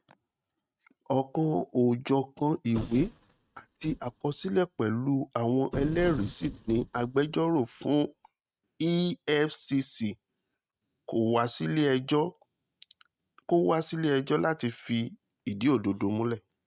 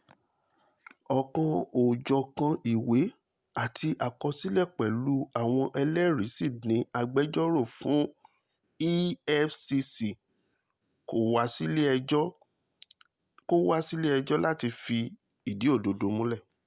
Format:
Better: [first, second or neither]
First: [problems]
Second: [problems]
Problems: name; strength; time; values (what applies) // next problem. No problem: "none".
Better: second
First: noise reduction (neural mask model RNNoise)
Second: none